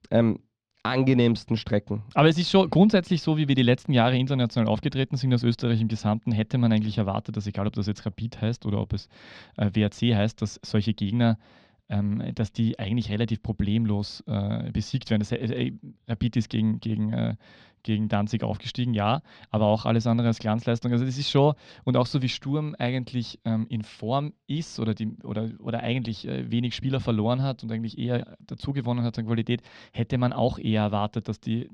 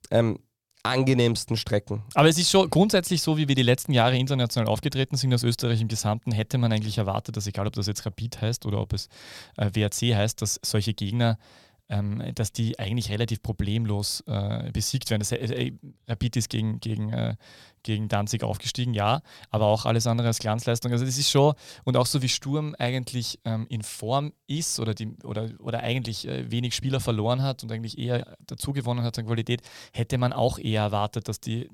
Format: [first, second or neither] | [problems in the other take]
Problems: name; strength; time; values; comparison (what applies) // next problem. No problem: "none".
second | muffled; slightly; fading above 4 kHz